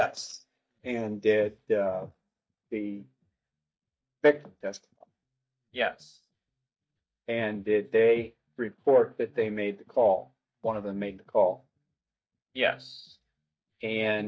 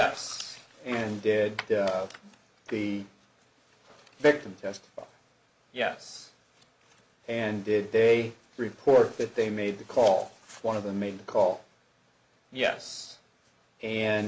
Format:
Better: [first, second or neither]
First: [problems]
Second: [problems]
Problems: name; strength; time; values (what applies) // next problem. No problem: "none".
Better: second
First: noise reduction (neural mask model DeepFilterNet 3)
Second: none